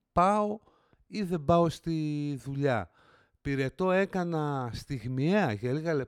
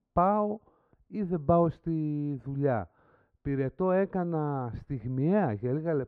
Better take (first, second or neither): first